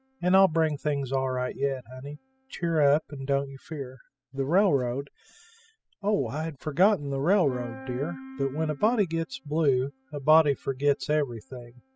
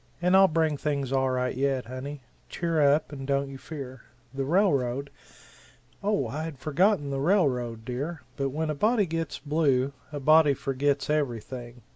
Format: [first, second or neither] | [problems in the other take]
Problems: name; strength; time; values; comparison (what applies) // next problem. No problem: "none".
second | noise reduction (classical method spectral subtraction)